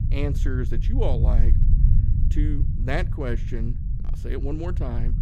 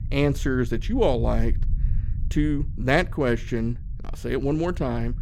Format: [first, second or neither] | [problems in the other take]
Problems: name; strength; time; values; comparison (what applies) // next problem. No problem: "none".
second | low rumble; loud; throughout; 8 dB below the speech; faint in the second